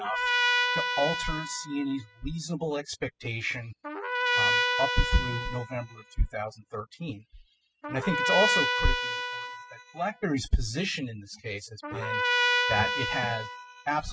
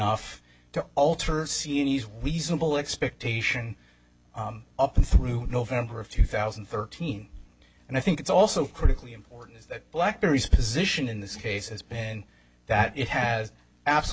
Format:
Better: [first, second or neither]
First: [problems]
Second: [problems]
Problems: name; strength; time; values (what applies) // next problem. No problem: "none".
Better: second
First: noise reduction (classical method spectral subtraction)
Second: none